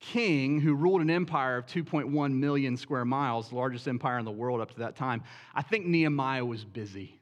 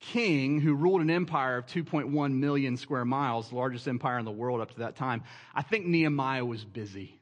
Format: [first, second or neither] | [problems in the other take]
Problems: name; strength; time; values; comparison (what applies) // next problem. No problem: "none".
first | garbled, watery; slightly; nothing above 9 kHz